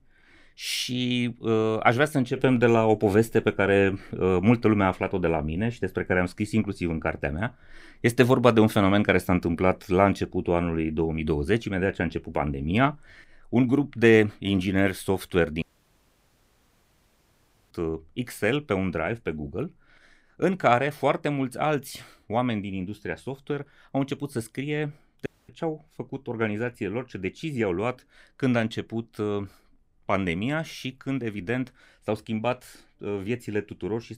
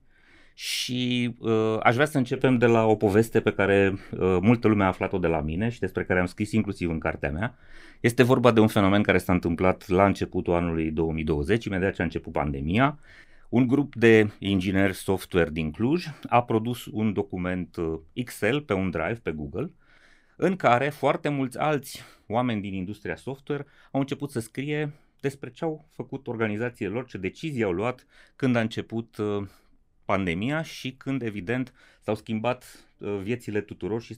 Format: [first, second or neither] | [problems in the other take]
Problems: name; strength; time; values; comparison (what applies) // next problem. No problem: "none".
second | audio cutting out; at 16 s for 2 s and at 25 s